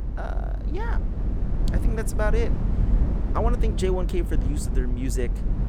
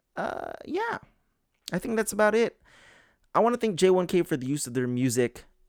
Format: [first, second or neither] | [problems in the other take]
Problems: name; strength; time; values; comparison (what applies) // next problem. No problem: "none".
second | low rumble; loud; throughout; 8 dB below the speech